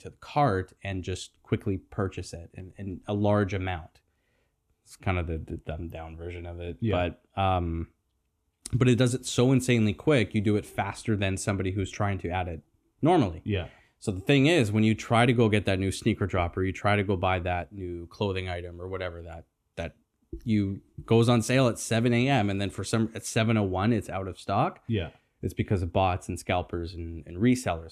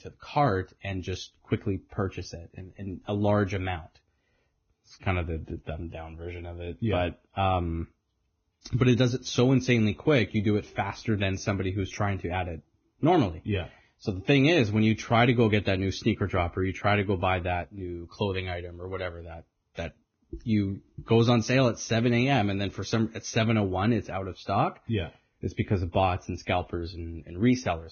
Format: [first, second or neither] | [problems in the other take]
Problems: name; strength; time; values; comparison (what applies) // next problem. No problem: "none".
first | garbled, watery; badly; nothing above 6.5 kHz